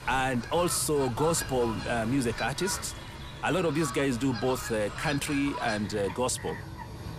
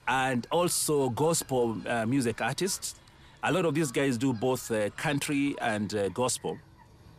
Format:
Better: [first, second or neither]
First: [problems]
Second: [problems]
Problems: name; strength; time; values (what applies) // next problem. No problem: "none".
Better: second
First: animal sounds; loud; throughout; 10 dB below the speech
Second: animal sounds; faint; throughout; 25 dB below the speech